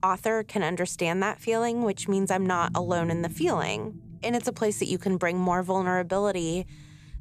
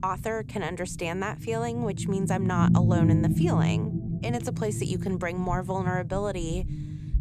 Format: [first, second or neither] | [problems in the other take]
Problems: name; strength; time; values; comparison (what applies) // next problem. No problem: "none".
first | low rumble; loud; throughout; 5 dB below the speech; faint in the first